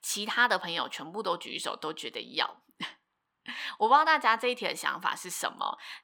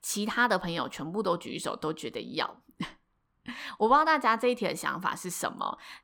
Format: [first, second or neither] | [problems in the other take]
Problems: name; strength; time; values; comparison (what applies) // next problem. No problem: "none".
second | thin; somewhat; fading below 1 kHz